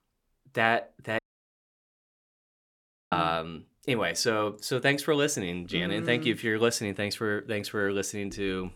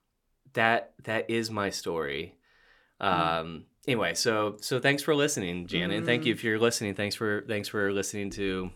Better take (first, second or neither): second